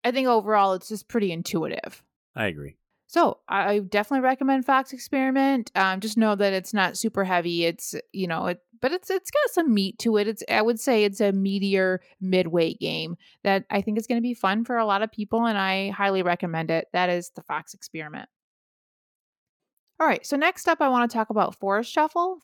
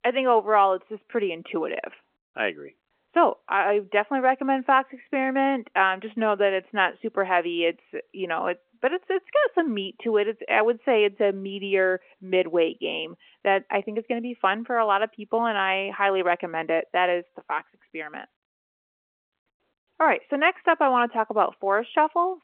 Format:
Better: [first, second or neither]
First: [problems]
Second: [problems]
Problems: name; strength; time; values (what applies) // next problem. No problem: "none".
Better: first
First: none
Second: phone-call audio